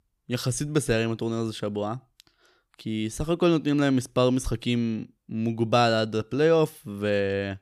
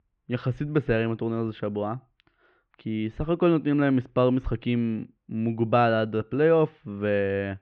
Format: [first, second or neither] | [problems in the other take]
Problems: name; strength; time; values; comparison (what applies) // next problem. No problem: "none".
first | muffled; very; fading above 2.5 kHz